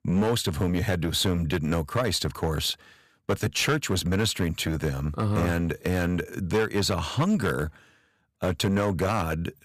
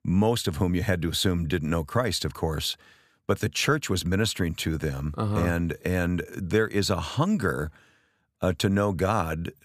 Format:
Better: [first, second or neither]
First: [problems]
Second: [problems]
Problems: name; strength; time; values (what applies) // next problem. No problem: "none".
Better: second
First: distortion; slight; 8% of the sound clipped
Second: none